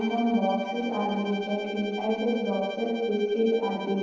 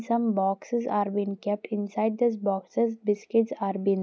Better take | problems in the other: second | background sound (Bowed string instrument); 13 dB below the speech // room echo; dies away in 1.2 s

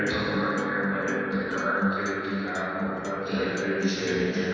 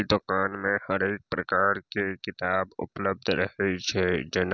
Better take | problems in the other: second | background sound (Acoustic guitar); 5 dB below the speech // room echo; dies away in 2.1 s

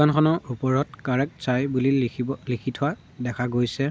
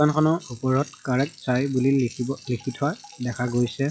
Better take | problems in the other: first | noise reduction (classical method log-MMSE)

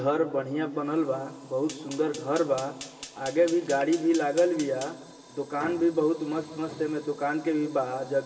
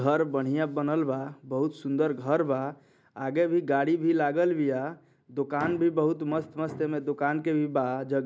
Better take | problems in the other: second | background sound (Fire); 19 dB below the speech // room echo; dies away in 1.3 s

